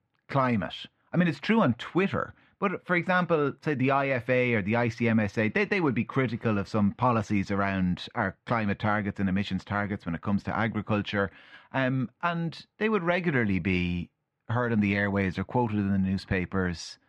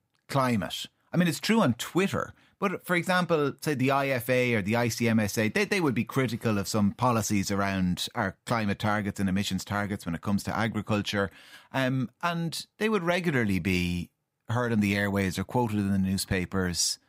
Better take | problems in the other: second | muffled; slightly; fading above 2.5 kHz

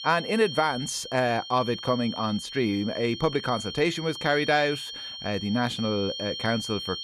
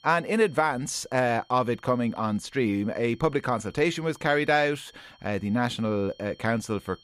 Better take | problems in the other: second | high-pitched whine; loud; throughout; 3 kHz, 8 dB below the speech; faint in the second

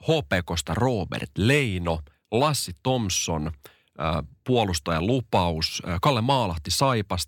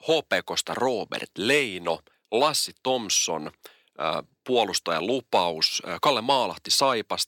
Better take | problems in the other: first | thin; somewhat; fading below 400 Hz

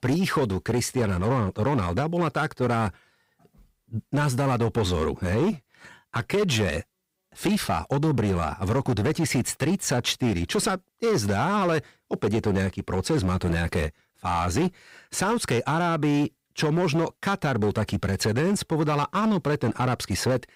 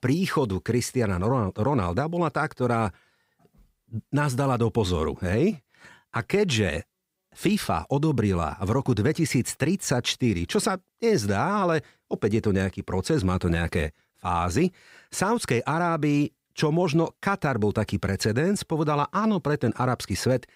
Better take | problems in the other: second | distortion; slight; 11% of the sound clipped

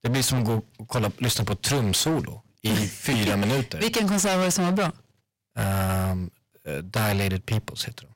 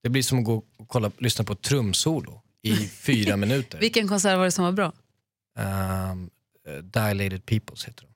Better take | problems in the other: second | distortion; heavy; 24% of the sound clipped

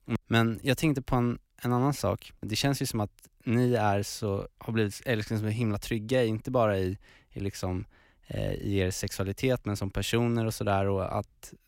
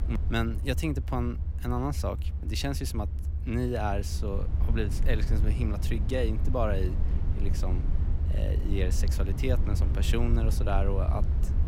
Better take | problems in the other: first | low rumble; noticeable; throughout; 10 dB below the speech

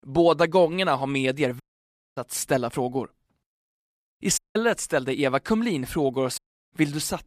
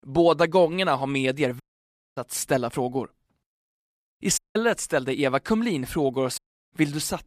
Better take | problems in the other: neither | audio cutting out; at 1.5 s for 0.5 s, at 4.5 s and at 6.5 s; the same in both

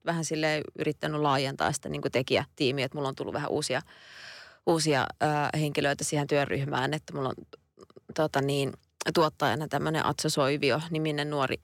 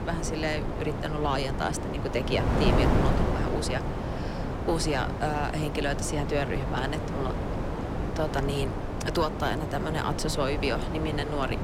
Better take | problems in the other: first | wind noise on the microphone; heavy; 3 dB below the speech

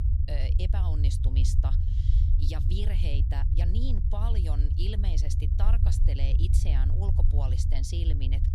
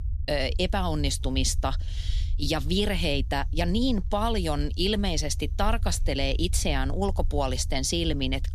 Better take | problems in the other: second | low rumble; loud; throughout; 2 dB below the speech; faint in the second

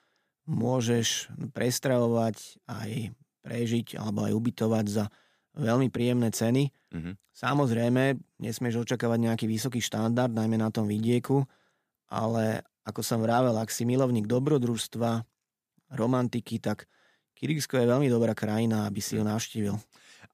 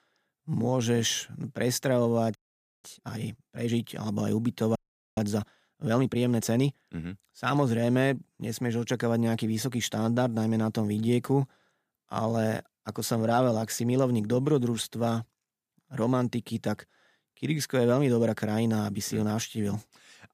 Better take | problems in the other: first | audio freezing; at 2.5 s and at 5 s

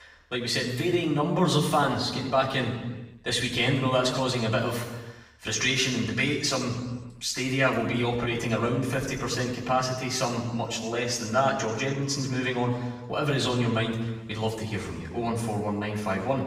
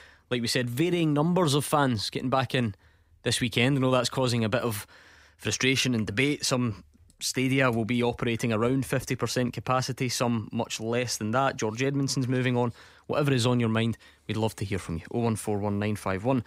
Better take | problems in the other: second | room echo; noticeable; dies away in 1.1 s // off-mic speech; far

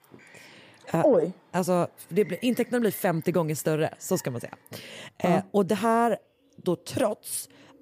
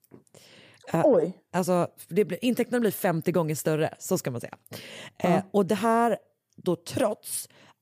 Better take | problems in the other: second | animal sounds; faint; throughout; 30 dB below the speech

